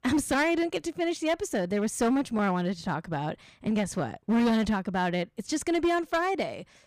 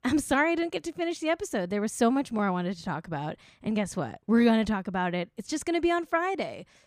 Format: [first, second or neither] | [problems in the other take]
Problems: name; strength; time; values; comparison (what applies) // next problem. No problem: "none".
second | distortion; slight; 7% of the sound clipped